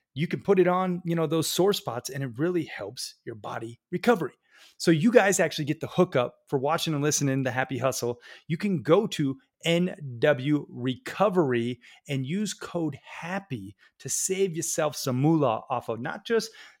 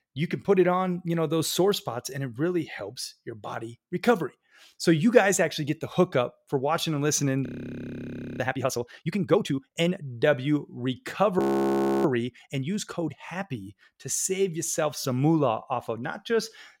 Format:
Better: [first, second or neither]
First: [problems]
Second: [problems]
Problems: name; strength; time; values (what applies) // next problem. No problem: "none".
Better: first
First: none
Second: audio freezing; at 7.5 s for 1 s and at 11 s for 0.5 s